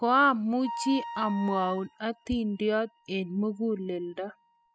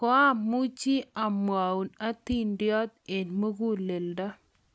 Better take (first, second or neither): second